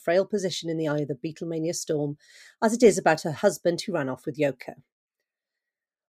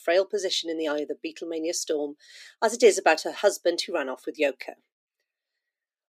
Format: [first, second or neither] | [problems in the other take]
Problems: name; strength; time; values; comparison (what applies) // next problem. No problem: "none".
first | thin; somewhat; fading below 300 Hz